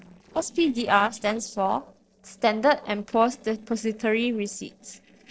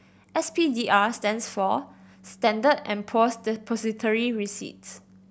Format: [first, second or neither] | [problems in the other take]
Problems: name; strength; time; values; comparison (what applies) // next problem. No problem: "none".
second | noise reduction (neural separator model SepFormer DNS4)